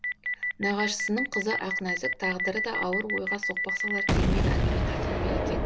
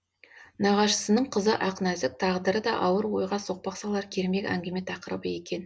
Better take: second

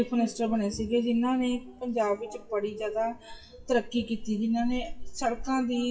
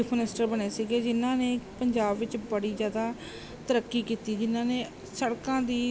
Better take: second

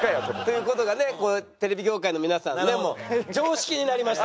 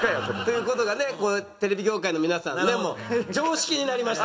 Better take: first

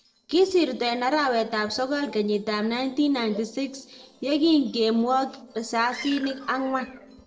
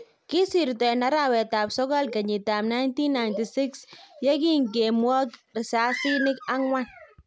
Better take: second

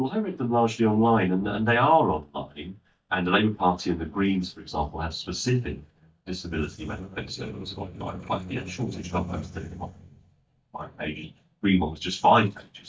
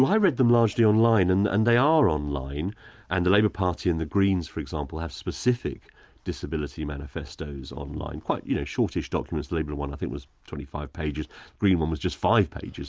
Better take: second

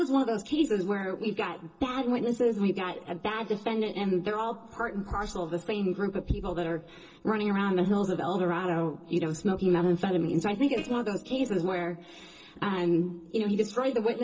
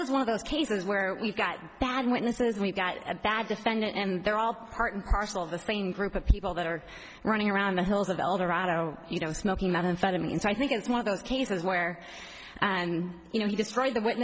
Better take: second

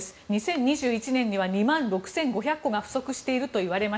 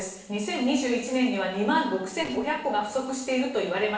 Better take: first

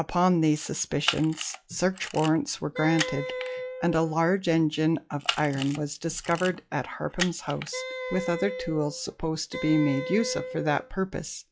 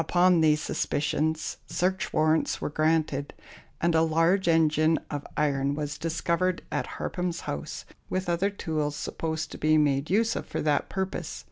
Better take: second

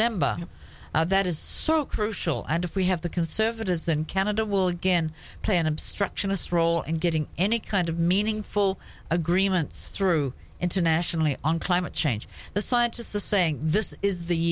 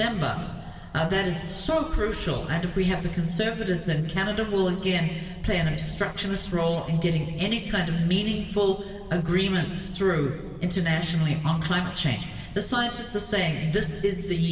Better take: first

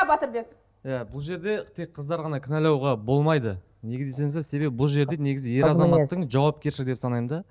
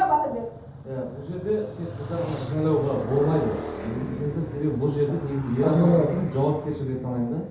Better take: first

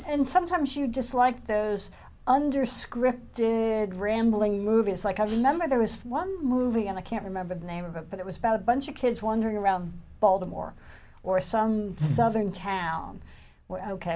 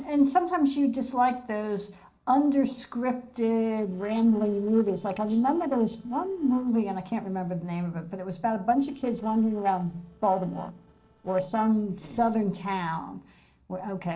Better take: first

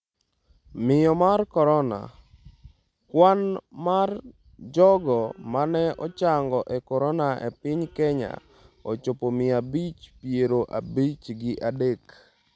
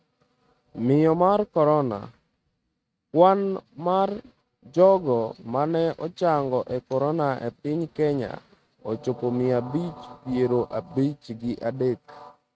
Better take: first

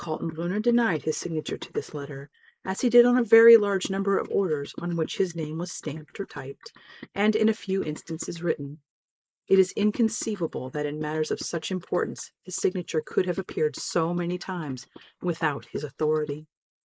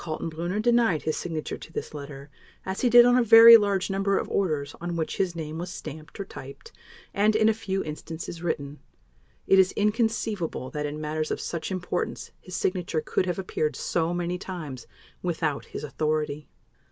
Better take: second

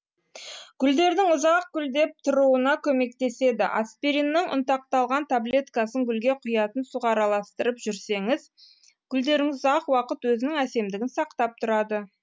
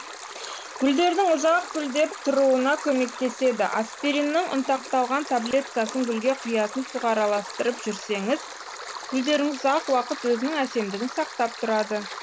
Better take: first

